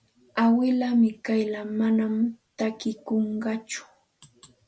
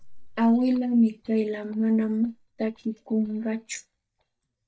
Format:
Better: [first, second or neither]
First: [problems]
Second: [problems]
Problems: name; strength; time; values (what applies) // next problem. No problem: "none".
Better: first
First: none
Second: noise reduction (neural mask model DeepFilterNet 3)